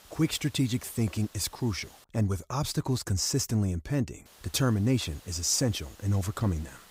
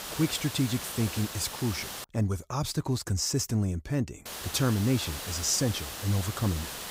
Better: first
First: hiss; faint; until 2 s and from 4.5 s on; 25 dB below the speech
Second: hiss; loud; until 2 s and from 4.5 s on; 7 dB below the speech

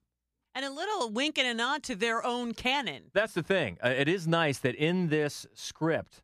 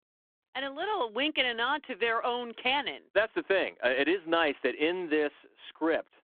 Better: first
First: none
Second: phone-call audio

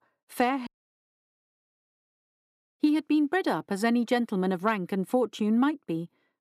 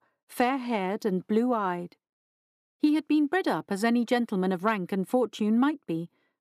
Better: second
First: audio cutting out; at 0.5 s for 2 s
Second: none

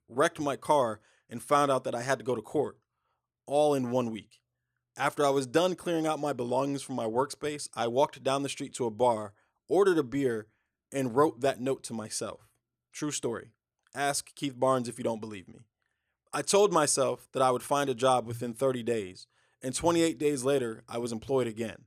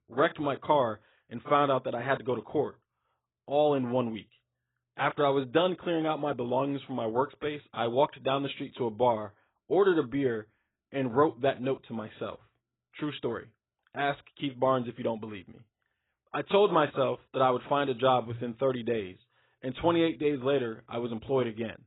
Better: first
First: none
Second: garbled, watery; badly; nothing above 4 kHz

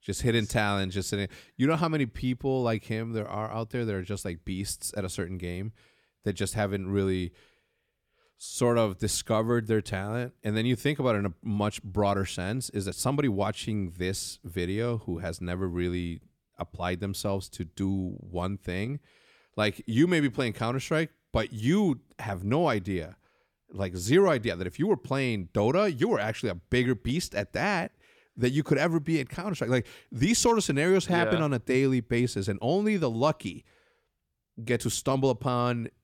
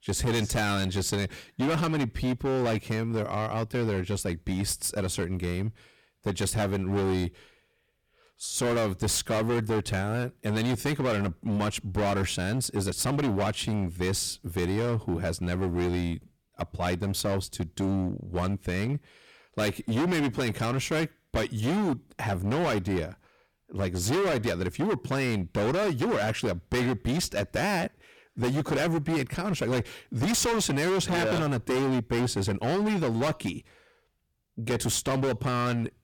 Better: first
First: none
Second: distortion; heavy; 22% of the sound clipped

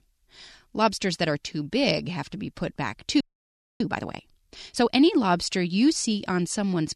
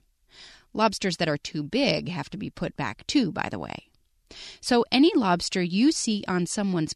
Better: second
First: audio freezing; at 3 s for 0.5 s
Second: none

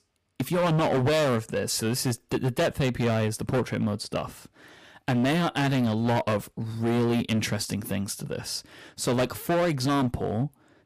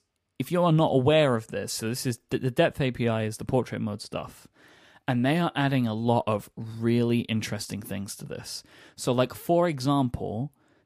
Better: second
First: distortion; heavy; 15% of the sound clipped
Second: none

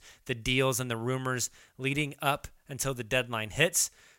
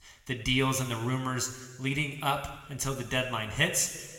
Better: first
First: none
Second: room echo; slight; dies away in 1.4 s

